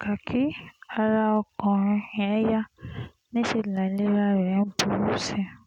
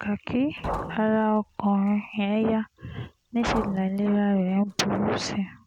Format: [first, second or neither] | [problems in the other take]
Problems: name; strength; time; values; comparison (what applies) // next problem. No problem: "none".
first | background sound (Liquid); 12 dB below the speech